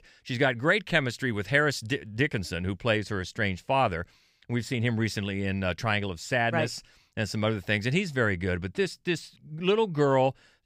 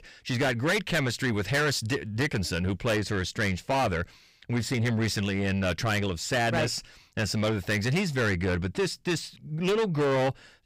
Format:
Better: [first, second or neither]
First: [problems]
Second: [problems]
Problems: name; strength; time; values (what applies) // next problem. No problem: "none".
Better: first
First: none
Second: distortion; heavy; 6 dB below the speech